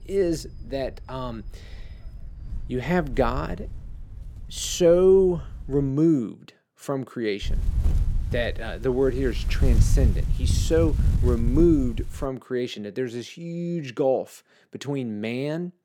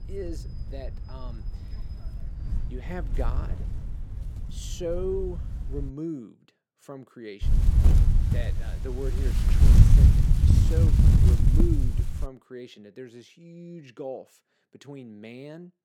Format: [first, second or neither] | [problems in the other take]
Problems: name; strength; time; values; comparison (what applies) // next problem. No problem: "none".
first | wind noise on the microphone; heavy; until 6 s and from 7.5 to 12 s; 2 dB above the speech; occasional gusts in the first